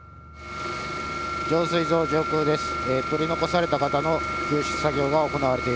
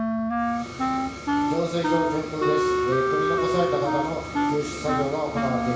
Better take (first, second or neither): first